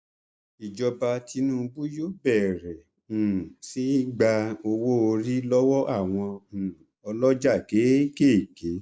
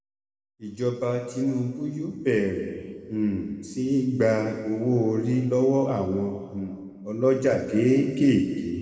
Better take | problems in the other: first | room echo; dies away in 1.9 s

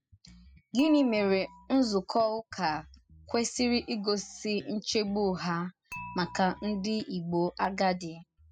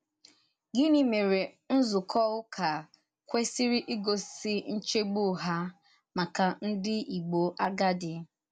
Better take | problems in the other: second | noise reduction (classical method spectral subtraction)

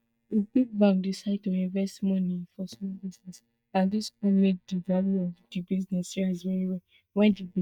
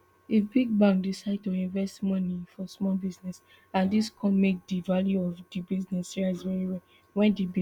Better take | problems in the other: second | noise reduction (neural mask model DeepFilterNet 3)

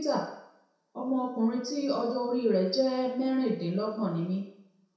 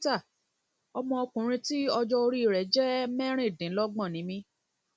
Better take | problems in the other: second | room echo; dies away in 0.7 s

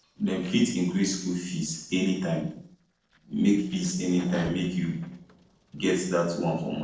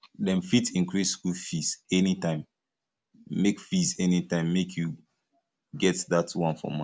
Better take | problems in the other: second | noise reduction (neural separator model SepFormer DNS4)

